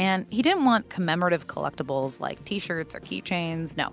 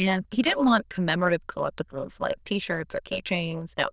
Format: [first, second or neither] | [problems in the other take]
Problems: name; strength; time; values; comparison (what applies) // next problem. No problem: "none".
first | noise reduction (neural diffusion model UNIVERSE++)